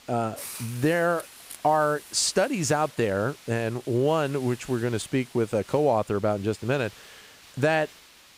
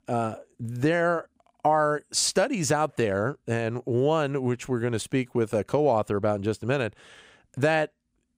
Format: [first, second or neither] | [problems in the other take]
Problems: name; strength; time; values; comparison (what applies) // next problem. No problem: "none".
second | hiss; noticeable; throughout; 20 dB below the speech